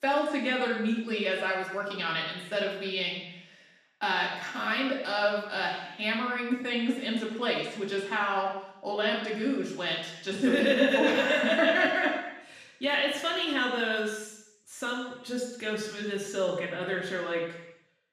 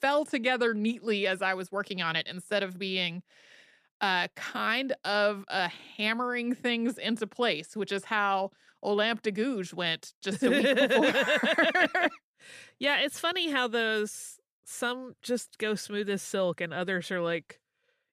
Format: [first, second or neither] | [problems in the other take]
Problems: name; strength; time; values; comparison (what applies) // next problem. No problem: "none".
second | room echo; noticeable; dies away in 0.9 s // off-mic speech; far